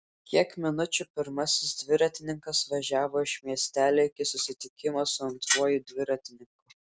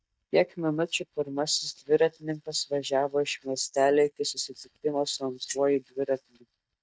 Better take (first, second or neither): first